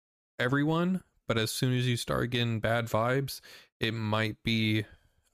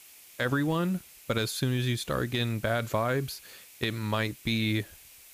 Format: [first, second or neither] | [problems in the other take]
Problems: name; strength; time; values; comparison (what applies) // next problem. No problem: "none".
first | hiss; noticeable; throughout; 20 dB below the speech